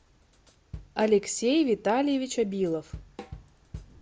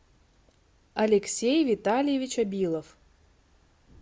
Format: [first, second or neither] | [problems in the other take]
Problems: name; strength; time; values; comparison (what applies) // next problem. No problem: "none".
second | background sound (Drum / Drum kit); 19 dB below the speech